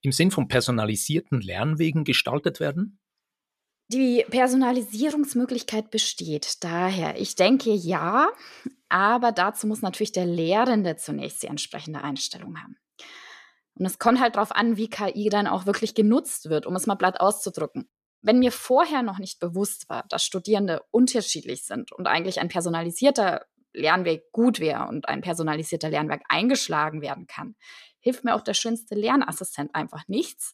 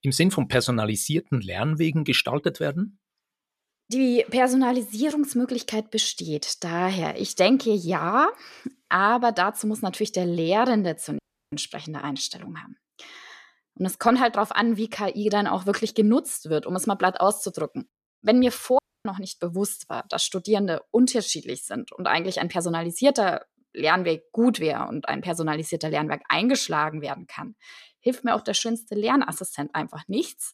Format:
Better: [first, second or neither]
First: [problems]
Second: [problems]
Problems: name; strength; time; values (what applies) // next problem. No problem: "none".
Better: first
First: none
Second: audio cutting out; at 11 s and at 19 s